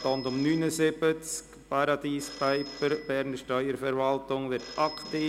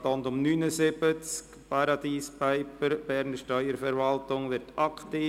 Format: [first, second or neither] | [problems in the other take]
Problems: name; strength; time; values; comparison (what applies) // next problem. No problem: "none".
second | background sound (Telephone); 17 dB below the speech